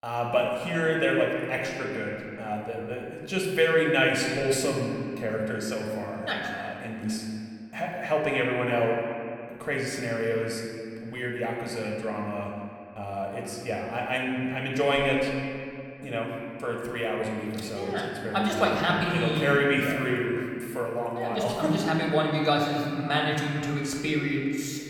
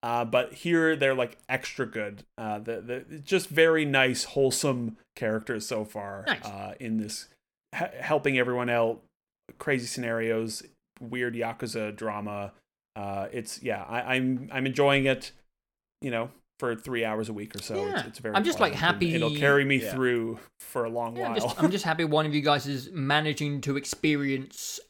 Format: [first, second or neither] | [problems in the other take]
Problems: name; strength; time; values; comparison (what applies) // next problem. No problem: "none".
second | room echo; noticeable; dies away in 2.2 s // off-mic speech; somewhat distant